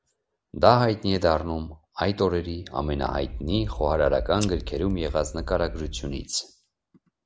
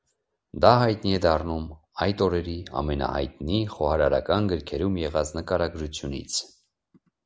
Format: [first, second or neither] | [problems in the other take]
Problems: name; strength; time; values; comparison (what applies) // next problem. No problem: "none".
second | background sound (Scissors); 9 dB below the speech